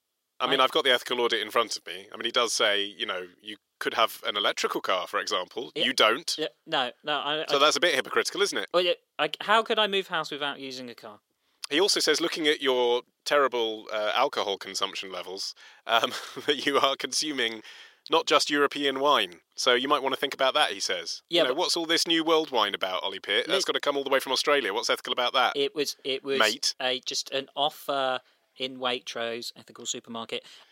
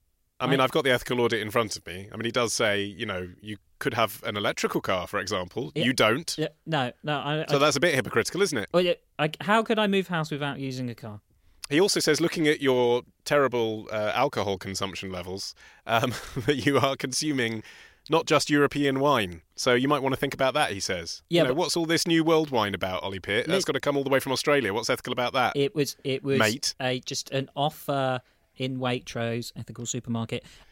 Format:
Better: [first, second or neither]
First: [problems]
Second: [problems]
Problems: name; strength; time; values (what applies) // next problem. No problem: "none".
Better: second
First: thin; somewhat; fading below 400 Hz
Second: none